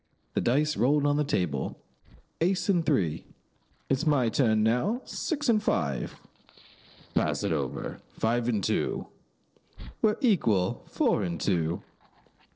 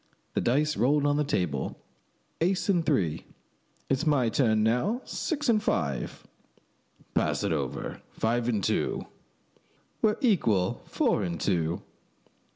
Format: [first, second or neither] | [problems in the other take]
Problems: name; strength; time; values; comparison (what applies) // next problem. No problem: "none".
second | noise reduction (neural separator model SepFormer DNS4)